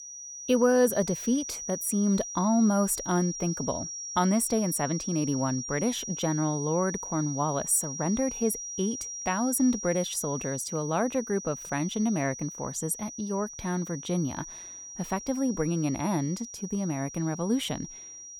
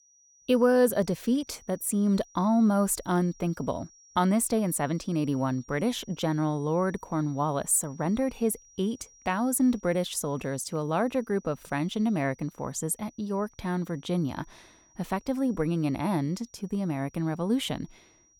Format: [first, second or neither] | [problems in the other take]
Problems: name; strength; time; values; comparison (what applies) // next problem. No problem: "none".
second | high-pitched whine; loud; throughout; 6 kHz, 8 dB below the speech; faint in the second